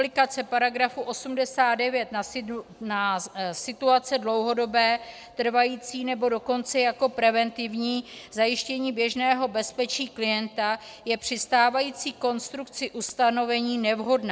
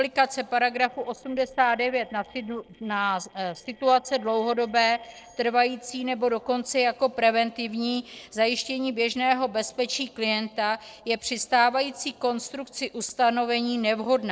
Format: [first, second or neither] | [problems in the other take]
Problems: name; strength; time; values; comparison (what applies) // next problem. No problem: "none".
first | noise reduction (neural separator model SepFormer DNS4)